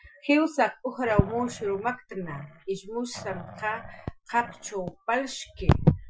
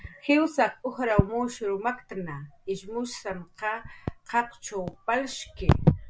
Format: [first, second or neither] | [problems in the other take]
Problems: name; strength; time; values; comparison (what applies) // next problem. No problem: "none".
second | noise reduction (classical method Wiener filter)